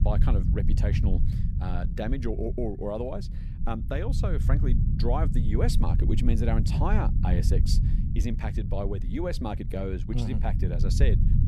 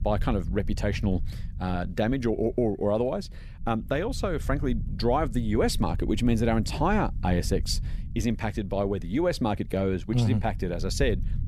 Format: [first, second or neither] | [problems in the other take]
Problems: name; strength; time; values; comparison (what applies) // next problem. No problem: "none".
second | low rumble; loud; throughout; 7 dB below the speech; faint in the second